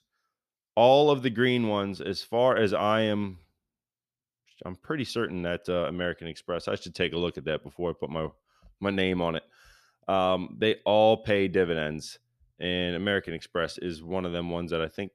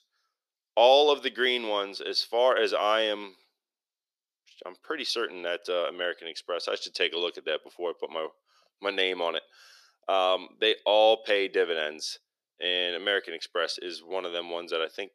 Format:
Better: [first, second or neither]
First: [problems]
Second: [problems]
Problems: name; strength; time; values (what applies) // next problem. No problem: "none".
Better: first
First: none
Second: thin; very; fading below 350 Hz